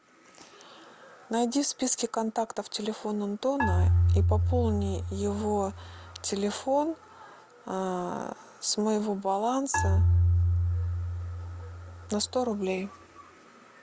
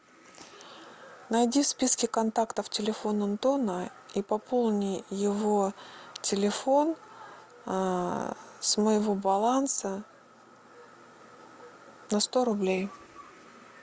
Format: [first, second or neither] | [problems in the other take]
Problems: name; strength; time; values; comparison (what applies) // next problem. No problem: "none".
second | background sound (Marimba, xylophone); 4 dB above the speech